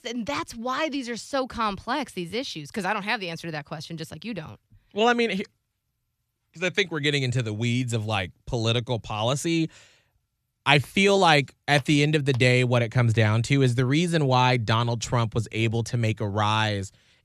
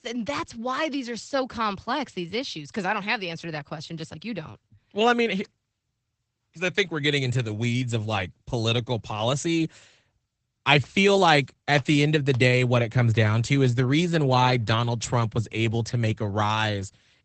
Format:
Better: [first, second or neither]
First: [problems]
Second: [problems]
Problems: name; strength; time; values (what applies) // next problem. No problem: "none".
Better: first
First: none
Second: garbled, watery; badly; nothing above 8 kHz